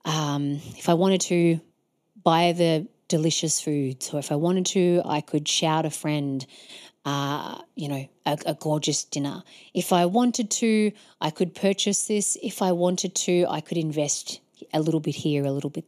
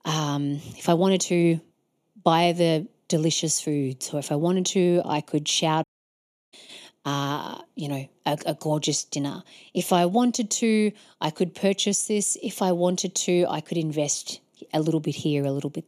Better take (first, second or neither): first